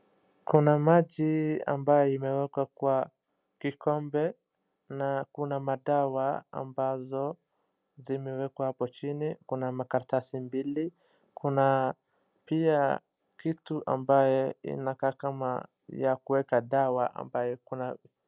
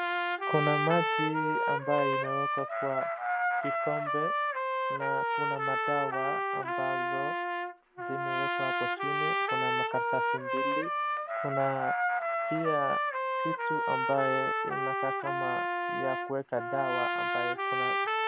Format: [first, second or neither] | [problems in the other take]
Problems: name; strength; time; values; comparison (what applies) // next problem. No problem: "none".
first | background sound (Trumpet); 5 dB above the speech